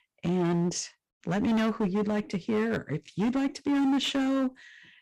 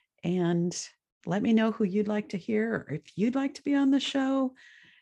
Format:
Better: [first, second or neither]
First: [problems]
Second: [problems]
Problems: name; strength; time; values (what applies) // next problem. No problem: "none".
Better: second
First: distortion; slight; 16% of the sound clipped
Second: none